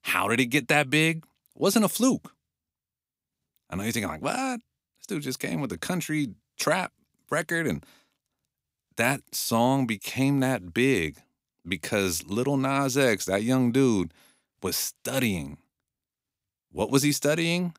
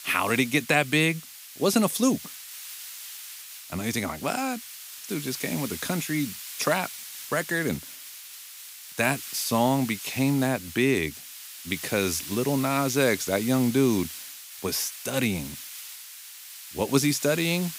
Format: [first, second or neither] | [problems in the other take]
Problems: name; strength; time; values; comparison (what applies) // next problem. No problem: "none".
first | hiss; noticeable; throughout; 10 dB below the speech